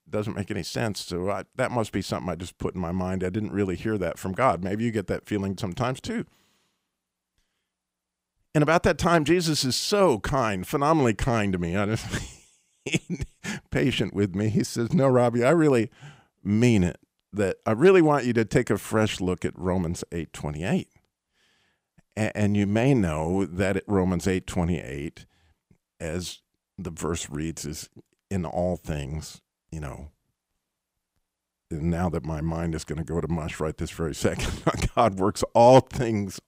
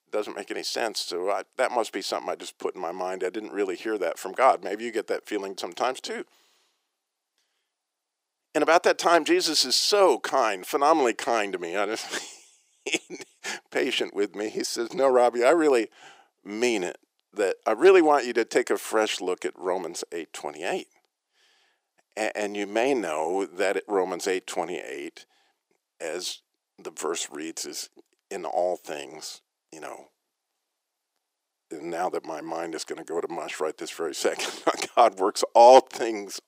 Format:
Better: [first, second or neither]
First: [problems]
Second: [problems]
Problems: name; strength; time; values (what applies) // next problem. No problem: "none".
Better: first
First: none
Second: thin; very; fading below 350 Hz